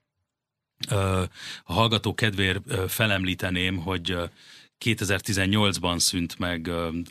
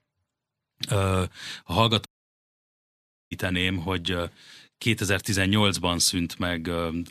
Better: first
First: none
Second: audio cutting out; at 2 s for 1.5 s

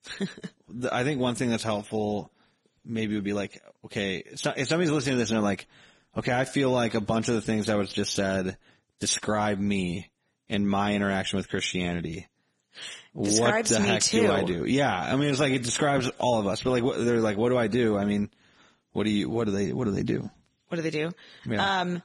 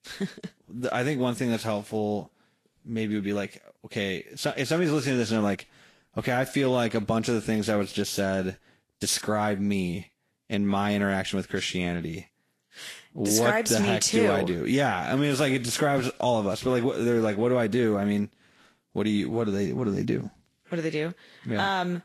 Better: second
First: garbled, watery; badly; nothing above 10.5 kHz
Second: garbled, watery; slightly; nothing above 12.5 kHz

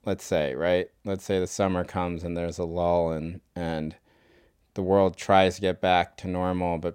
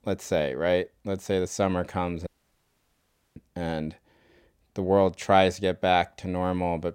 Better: first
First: none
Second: audio cutting out; at 2.5 s for 1 s

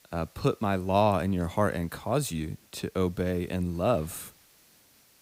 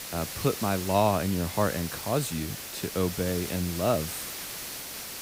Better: first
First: hiss; faint; throughout; 30 dB below the speech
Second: hiss; loud; throughout; 6 dB below the speech

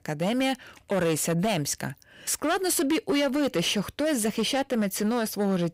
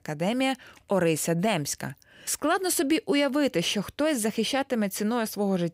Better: second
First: distortion; slight; 10% of the sound clipped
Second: none

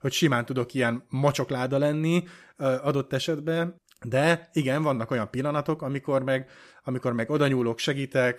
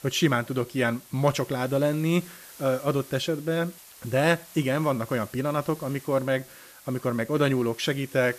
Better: first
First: none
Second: hiss; noticeable; throughout; 20 dB below the speech

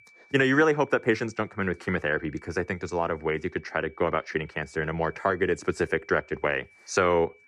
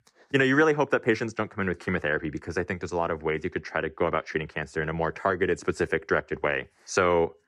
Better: second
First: high-pitched whine; faint; throughout; 2.5 kHz, 30 dB below the speech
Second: none

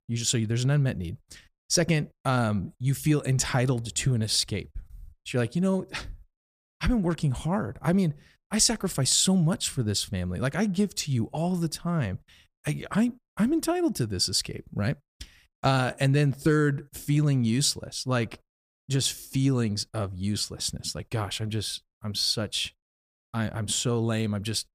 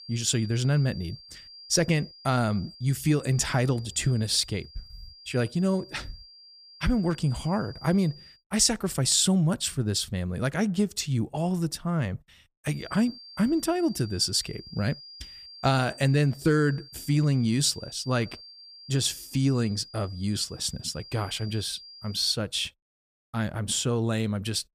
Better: first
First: none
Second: high-pitched whine; noticeable; until 8.5 s and from 13 to 22 s; 5 kHz, 20 dB below the speech

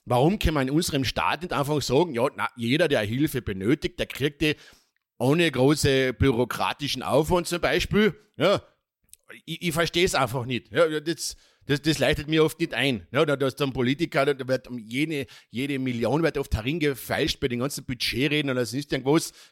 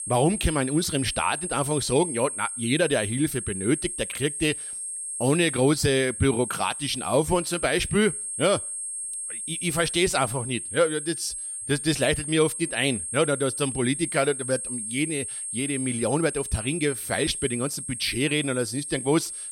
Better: first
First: none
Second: high-pitched whine; loud; throughout; 8.5 kHz, 5 dB below the speech

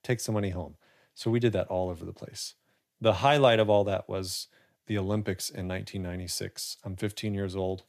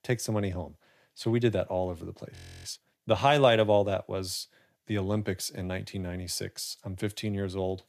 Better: first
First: none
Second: audio freezing; at 2.5 s

